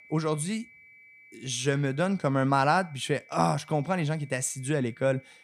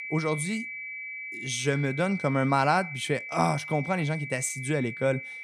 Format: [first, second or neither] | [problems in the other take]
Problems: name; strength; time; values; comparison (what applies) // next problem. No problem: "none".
first | high-pitched whine; loud; throughout; 2.5 kHz, 8 dB below the speech; faint in the first